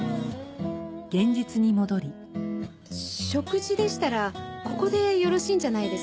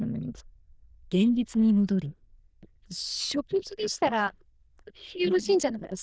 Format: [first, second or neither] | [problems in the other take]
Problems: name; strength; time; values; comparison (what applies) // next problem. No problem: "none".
first | noise reduction (neural diffusion model UNIVERSE++)